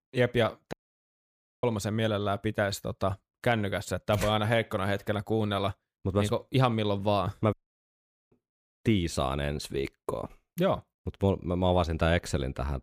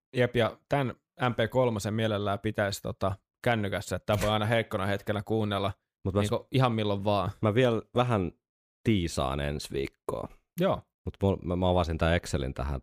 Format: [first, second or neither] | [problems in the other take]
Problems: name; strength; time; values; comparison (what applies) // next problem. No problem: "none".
second | audio cutting out; at 0.5 s for 1 s and at 7.5 s for 1 s